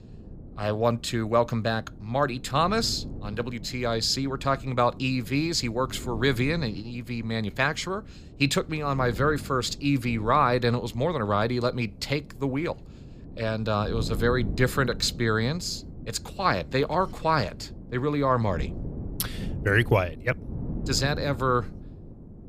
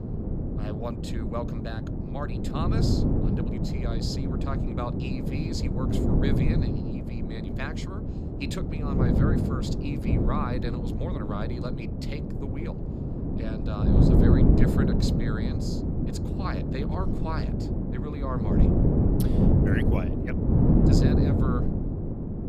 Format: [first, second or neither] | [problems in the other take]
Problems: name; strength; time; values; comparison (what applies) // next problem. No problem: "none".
first | wind noise on the microphone; heavy; 4 dB above the speech; occasional gusts in the first